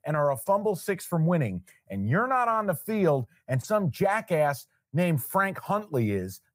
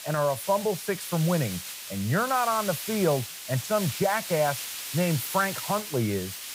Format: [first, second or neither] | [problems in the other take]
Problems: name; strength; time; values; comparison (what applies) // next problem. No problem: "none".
first | hiss; loud; throughout; 7 dB below the speech